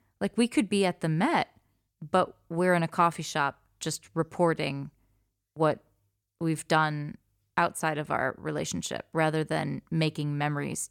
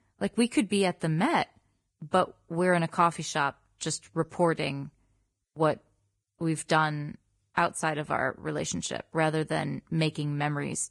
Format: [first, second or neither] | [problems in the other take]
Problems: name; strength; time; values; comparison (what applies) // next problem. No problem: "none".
first | garbled, watery; badly